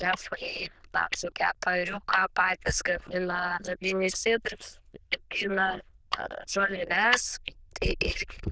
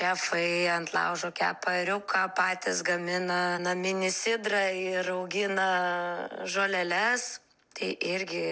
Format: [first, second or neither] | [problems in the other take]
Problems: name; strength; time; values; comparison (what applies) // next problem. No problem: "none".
second | noise reduction (neural diffusion model UNIVERSE++)